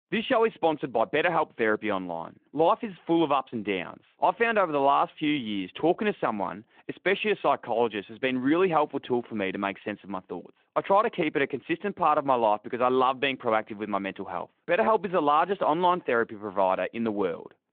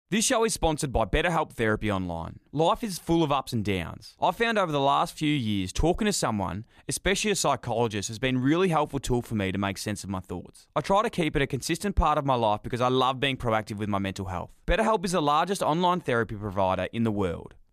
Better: second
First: phone-call audio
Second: none

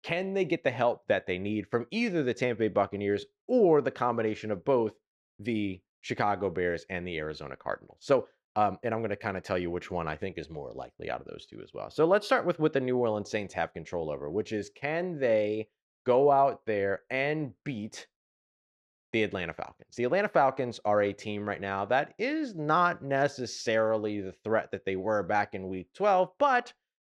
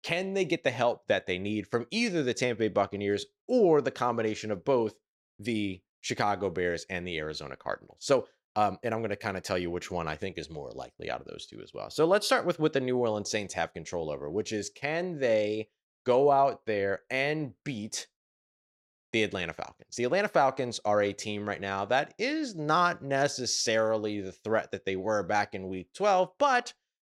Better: second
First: muffled; slightly; fading above 4 kHz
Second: none

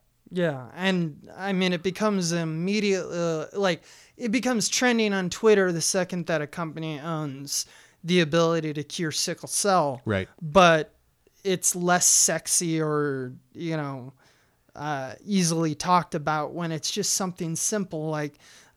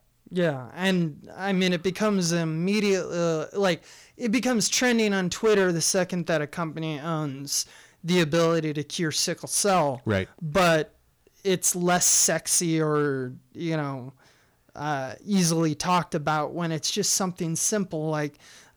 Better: first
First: none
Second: distortion; slight; 4% of the sound clipped

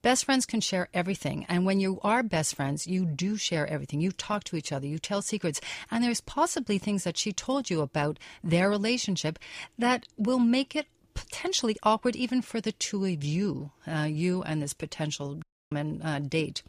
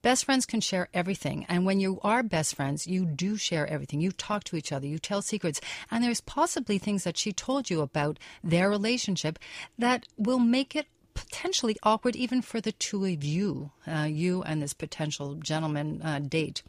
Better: second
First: audio cutting out; at 15 s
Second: none

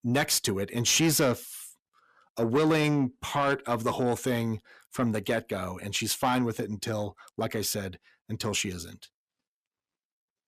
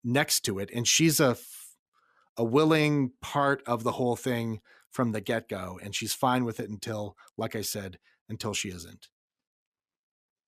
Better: second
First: distortion; slight; 10 dB below the speech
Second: none

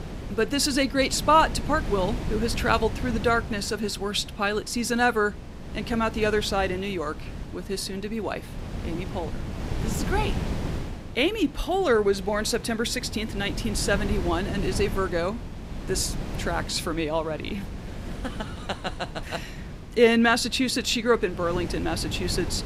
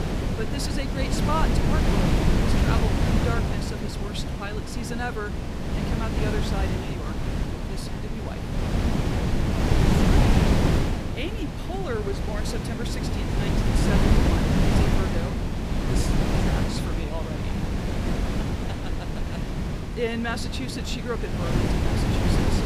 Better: first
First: wind noise on the microphone; occasional gusts; 15 dB below the speech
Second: wind noise on the microphone; heavy; 3 dB above the speech

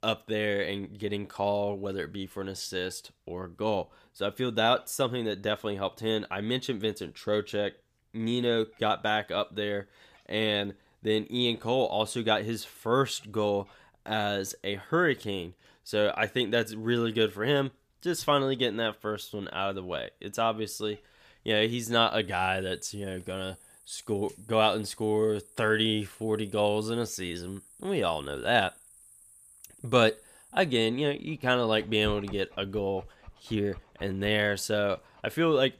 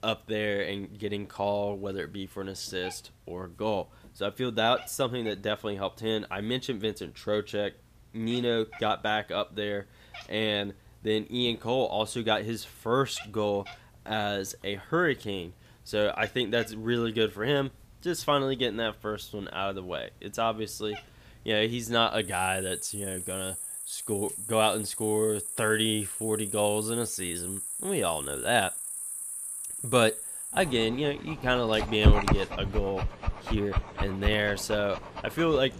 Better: first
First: animal sounds; faint; throughout; 25 dB below the speech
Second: animal sounds; loud; throughout; 4 dB below the speech

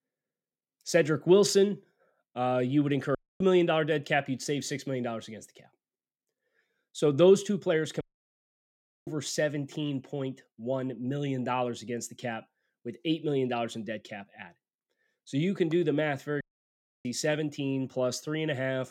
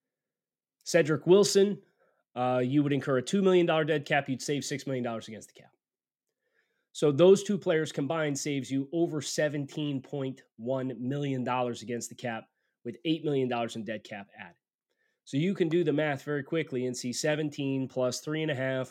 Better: second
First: audio cutting out; at 3 s, at 8 s for 1 s and at 16 s for 0.5 s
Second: none

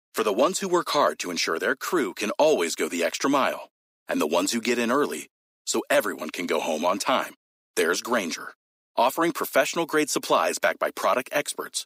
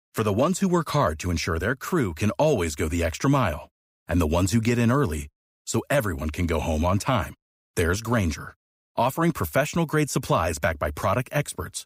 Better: second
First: thin; somewhat; fading below 300 Hz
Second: none

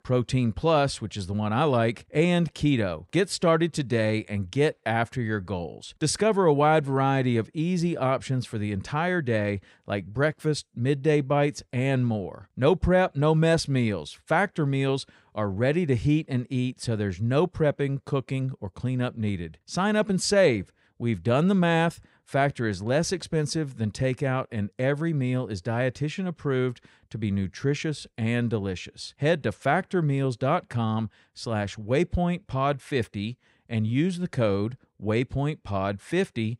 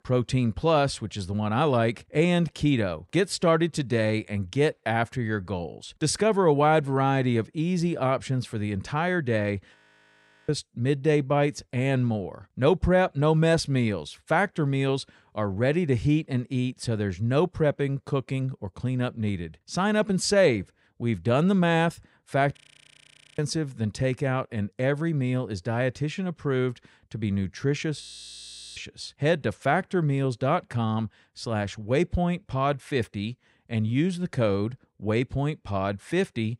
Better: first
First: none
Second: audio freezing; at 10 s for 0.5 s, at 23 s for 1 s and at 28 s for 1 s

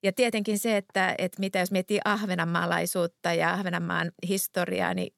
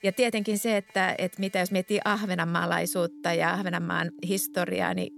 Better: first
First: none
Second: alarms or sirens; noticeable; throughout; 20 dB below the speech

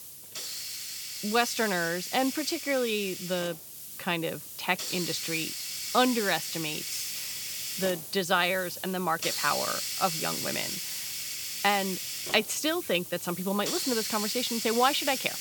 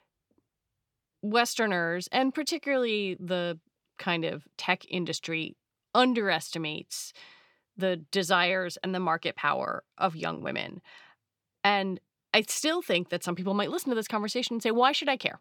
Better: second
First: hiss; loud; throughout; 4 dB below the speech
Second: none

